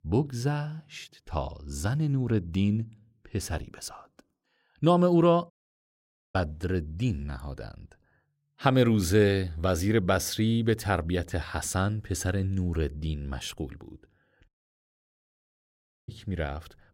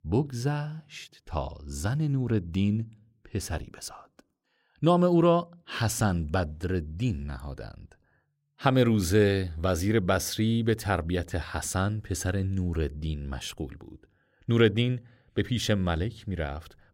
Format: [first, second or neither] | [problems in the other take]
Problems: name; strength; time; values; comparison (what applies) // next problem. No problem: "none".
second | audio cutting out; at 5.5 s for 1 s and at 14 s for 1.5 s